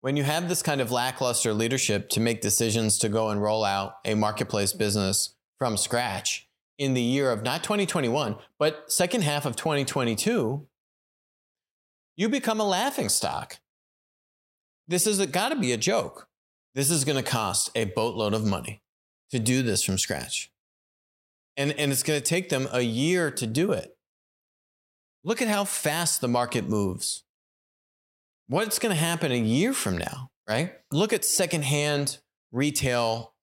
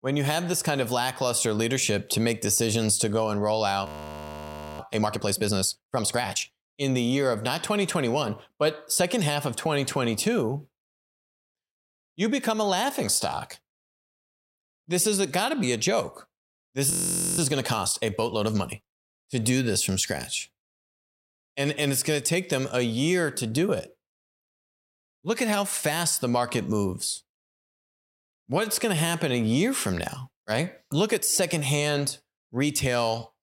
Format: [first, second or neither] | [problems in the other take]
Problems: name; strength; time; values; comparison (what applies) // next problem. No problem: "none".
first | audio freezing; at 4 s for 1 s and at 17 s